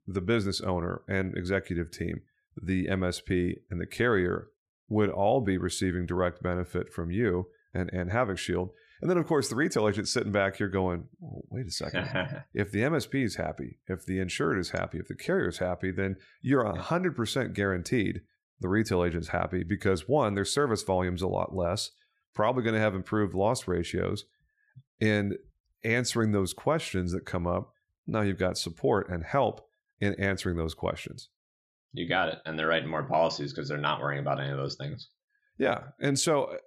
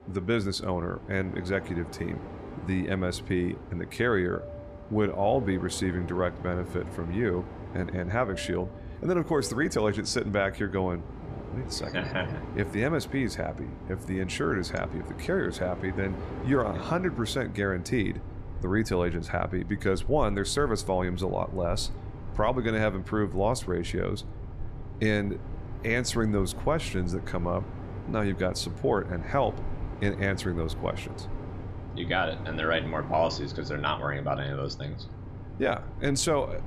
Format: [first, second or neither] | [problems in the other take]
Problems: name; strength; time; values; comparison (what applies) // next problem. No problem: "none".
first | train or aircraft noise; noticeable; throughout; 10 dB below the speech